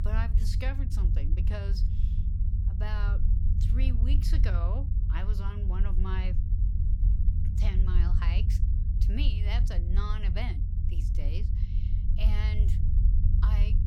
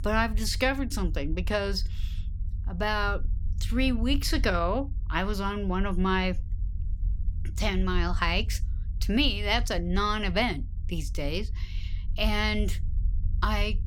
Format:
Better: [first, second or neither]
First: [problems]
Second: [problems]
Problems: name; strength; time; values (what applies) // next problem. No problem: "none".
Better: second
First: low rumble; loud; throughout; 5 dB below the speech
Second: low rumble; faint; throughout; 25 dB below the speech